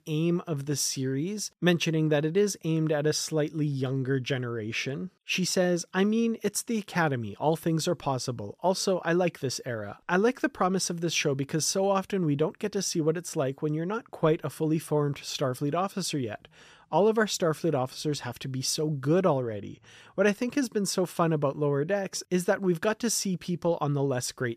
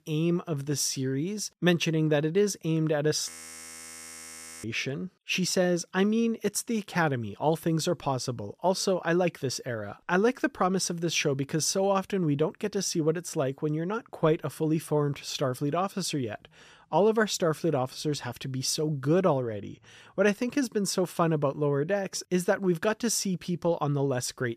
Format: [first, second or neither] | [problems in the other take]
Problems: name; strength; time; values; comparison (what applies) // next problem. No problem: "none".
first | audio freezing; at 3.5 s for 1.5 s